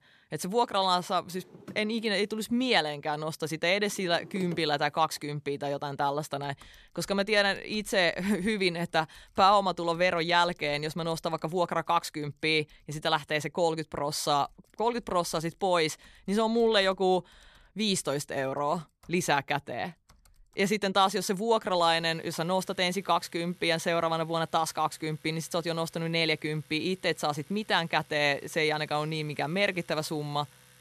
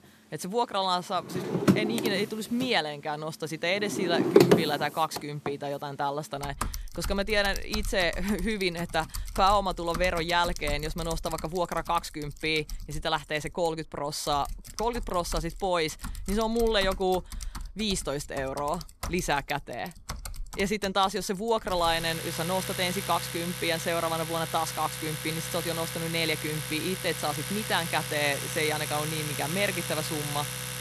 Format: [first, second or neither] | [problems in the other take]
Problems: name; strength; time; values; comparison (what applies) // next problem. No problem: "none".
first | household noises; loud; throughout; 4 dB below the speech; faint in the first